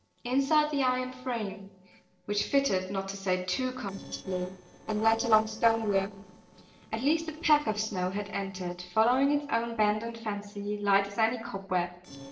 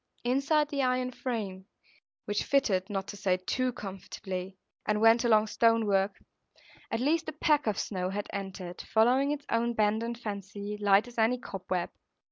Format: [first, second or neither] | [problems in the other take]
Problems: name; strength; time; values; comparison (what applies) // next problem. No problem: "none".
second | noise reduction (neural separator model SepFormer DNS4)